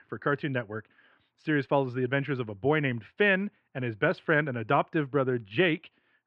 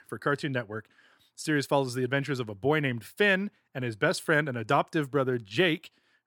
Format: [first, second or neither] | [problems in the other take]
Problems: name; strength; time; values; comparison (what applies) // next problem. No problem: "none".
second | muffled; very; fading above 2.5 kHz